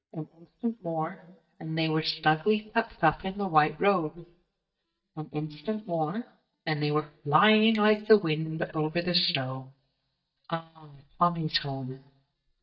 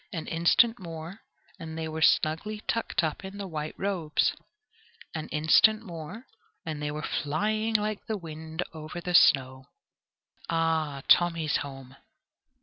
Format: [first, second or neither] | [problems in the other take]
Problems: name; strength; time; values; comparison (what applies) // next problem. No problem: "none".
second | noise reduction (neural mask model DeepFilterNet 3)